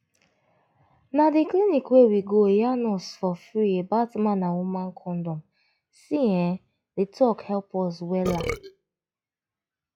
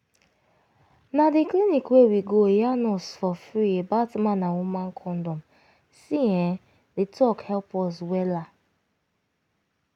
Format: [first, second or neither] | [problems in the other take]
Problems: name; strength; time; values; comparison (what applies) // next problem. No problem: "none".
second | noise reduction (classical method log-MMSE)